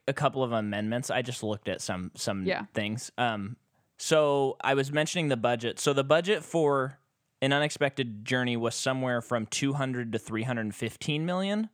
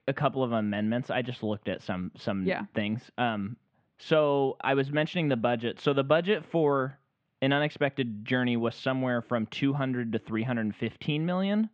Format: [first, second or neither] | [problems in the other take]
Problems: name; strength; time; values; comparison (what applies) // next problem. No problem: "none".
first | muffled; slightly; fading above 3.5 kHz